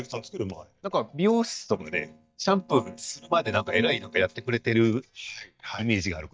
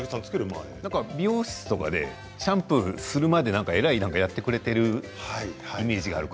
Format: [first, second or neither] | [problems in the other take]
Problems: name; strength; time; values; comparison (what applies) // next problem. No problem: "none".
second | noise reduction (neural mask model DeepFilterNet 3)